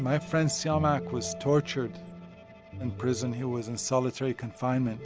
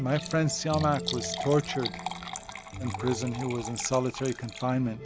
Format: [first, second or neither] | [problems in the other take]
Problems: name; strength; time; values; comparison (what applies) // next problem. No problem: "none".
first | background sound (Liquid); 11 dB below the speech